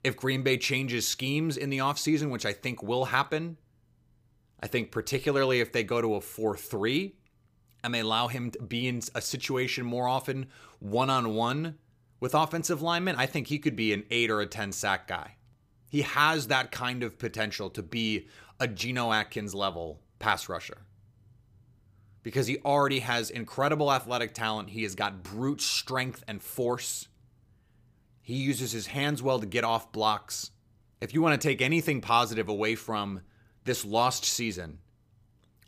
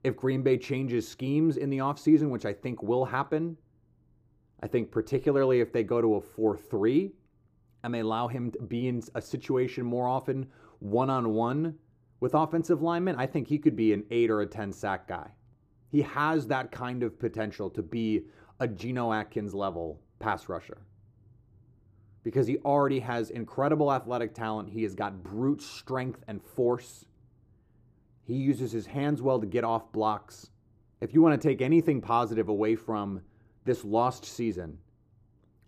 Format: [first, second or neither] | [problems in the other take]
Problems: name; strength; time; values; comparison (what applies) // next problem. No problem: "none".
first | muffled; slightly; fading above 1.5 kHz